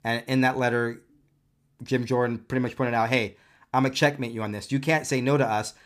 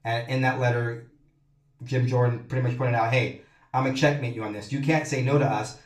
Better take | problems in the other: first | room echo; slight; dies away in 0.3 s // off-mic speech; far

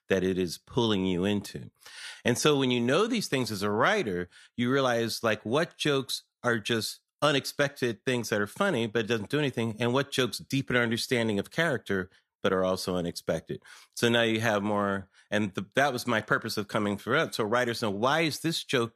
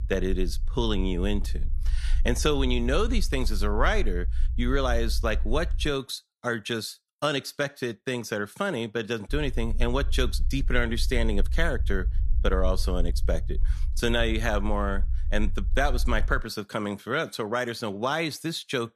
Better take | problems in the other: first | low rumble; faint; until 6 s and from 9.5 to 16 s; 25 dB below the speech

